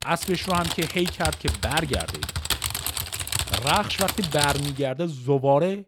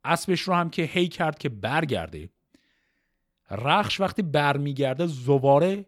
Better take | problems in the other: second | keyboard typing; loud; until 4.5 s; peak 1 dB above the speech

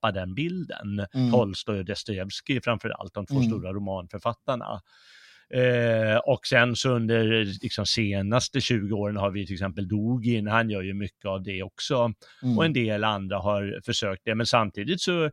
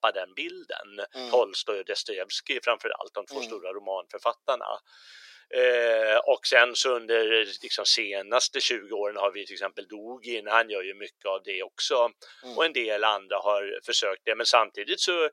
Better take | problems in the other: first | thin; very; fading below 400 Hz

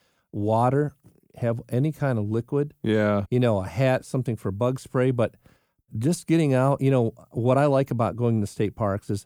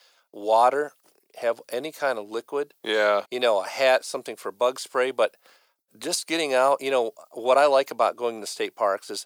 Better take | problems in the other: first | thin; very; fading below 550 Hz

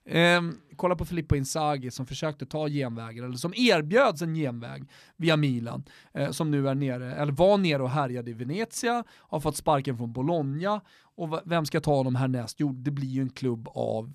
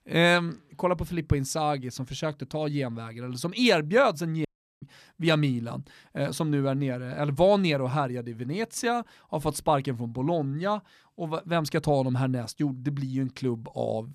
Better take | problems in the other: first | audio cutting out; at 4.5 s

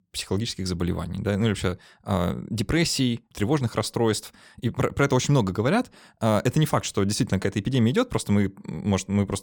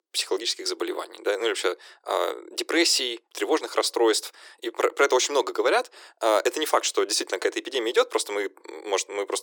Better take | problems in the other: first | thin; very; fading below 350 Hz

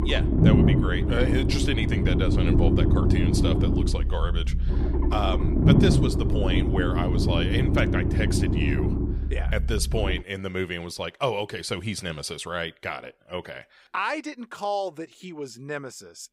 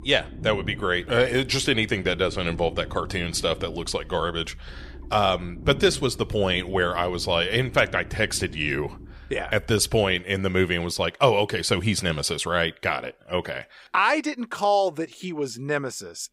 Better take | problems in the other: second | low rumble; loud; until 10 s; 1 dB below the speech; faint in the second

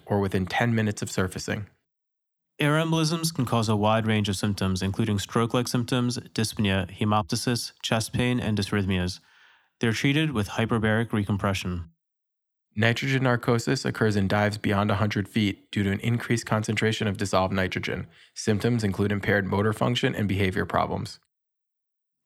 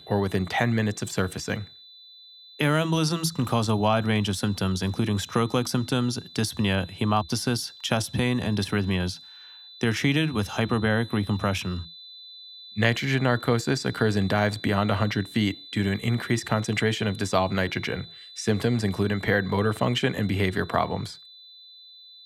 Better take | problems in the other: first | high-pitched whine; noticeable; throughout; 4 kHz, 20 dB below the speech

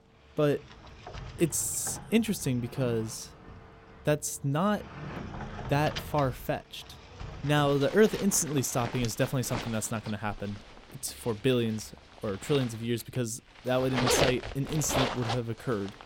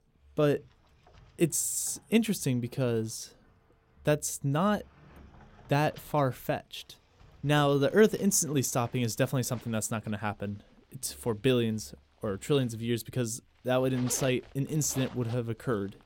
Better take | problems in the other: second | household noises; loud; throughout; 7 dB below the speech; faint in the second

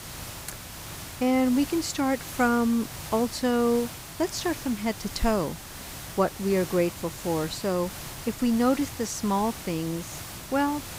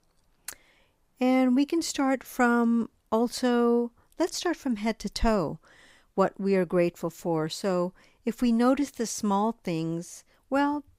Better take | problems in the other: second | hiss; noticeable; throughout; 10 dB below the speech

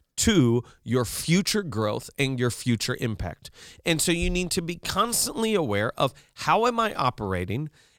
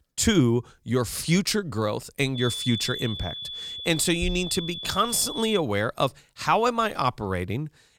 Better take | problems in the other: first | high-pitched whine; loud; from 2.5 to 5.5 s; 3.5 kHz, 7 dB below the speech

